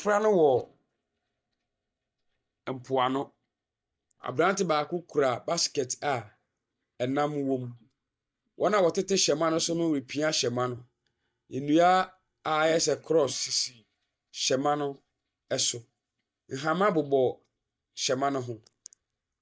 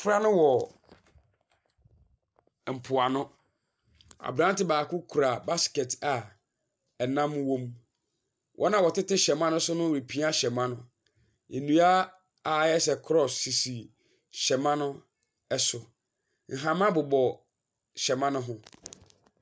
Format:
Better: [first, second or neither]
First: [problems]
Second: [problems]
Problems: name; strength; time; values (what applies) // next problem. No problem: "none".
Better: second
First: noise reduction (neural mask model DeepFilterNet 3)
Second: none